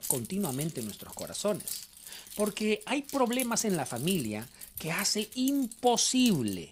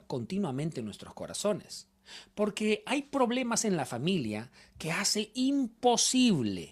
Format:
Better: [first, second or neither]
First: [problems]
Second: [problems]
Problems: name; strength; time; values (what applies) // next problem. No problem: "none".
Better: second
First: jangling keys; noticeable; peak 2 dB below the speech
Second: none